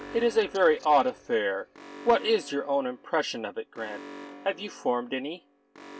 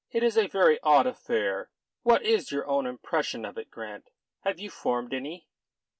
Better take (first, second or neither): second